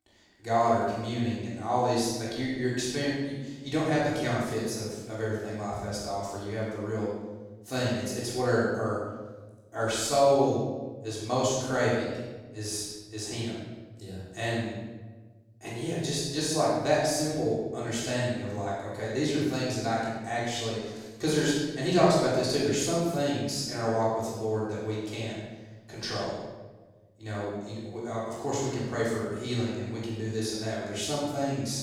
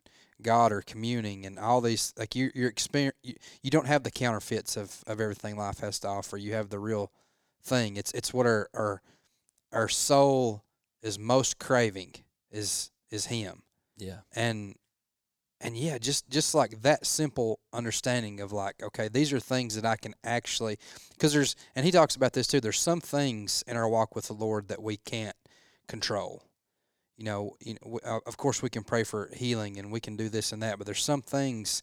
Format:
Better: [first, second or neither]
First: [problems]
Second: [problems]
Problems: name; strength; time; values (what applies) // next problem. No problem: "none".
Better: second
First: off-mic speech; far // room echo; strong; dies away in 1.2 s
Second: none